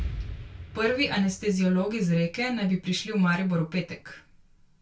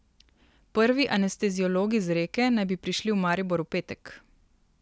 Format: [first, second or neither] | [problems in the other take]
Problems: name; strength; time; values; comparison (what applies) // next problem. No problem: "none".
second | background sound (Explosion); 14 dB below the speech // room echo; dies away in 0.2 s